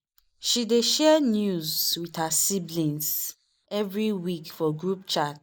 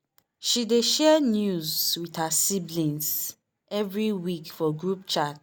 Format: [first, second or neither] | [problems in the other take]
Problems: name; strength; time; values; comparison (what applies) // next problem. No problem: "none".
second | noise reduction (neural mask model Resemble Enhance denoiser)